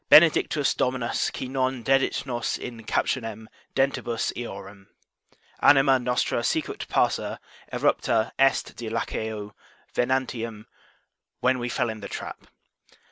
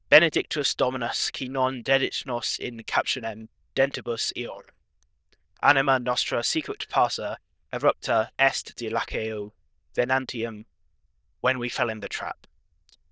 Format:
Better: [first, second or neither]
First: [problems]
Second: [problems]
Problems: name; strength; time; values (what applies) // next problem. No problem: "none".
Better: first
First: none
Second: noise reduction (neural diffusion model UNIVERSE++)